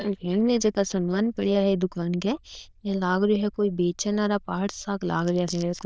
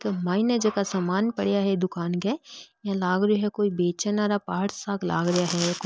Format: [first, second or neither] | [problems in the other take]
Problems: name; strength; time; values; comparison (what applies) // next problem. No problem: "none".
second | noise reduction (neural diffusion model UNIVERSE++)